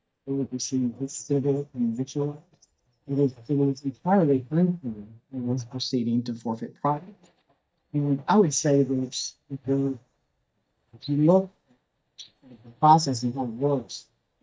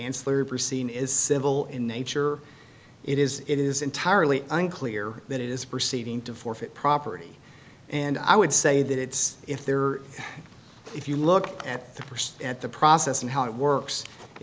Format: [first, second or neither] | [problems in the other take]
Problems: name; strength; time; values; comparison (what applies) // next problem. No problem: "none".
second | noise reduction (neural mask model DeepFilterNet 3)